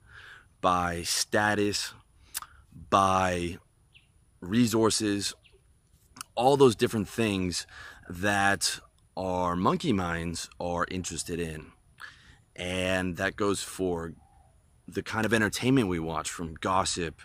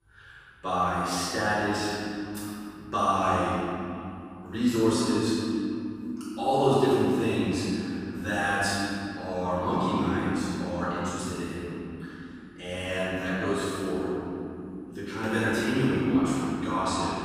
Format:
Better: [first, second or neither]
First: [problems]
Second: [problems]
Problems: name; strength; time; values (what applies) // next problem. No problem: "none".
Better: first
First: none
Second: off-mic speech; far // room echo; strong; dies away in 3 s